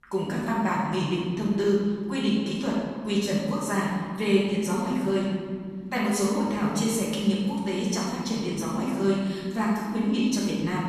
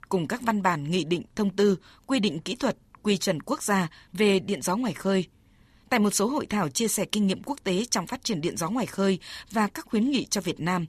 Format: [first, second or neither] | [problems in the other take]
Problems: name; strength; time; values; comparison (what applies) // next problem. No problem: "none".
second | off-mic speech; far // room echo; strong; dies away in 2 s